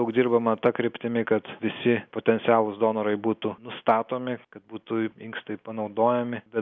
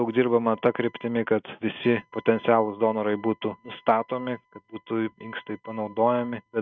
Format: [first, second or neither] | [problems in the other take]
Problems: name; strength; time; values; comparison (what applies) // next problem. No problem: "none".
first | noise reduction (neural mask model RNNoise)